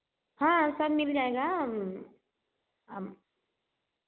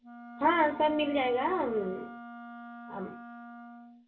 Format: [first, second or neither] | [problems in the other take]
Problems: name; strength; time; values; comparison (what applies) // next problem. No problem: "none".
first | background sound (Wind instrument, woodwind instrument); 14 dB below the speech // room echo; dies away in 0.2 s